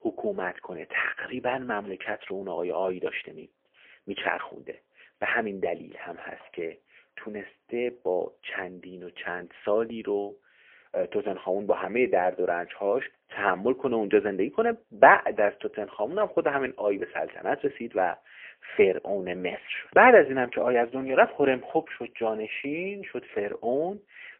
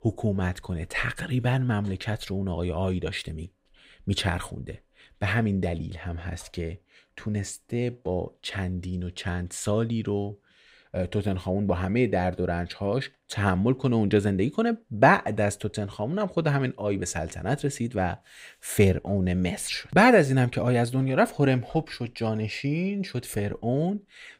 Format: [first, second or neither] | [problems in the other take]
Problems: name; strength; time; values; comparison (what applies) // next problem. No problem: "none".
second | phone-call audio; poor line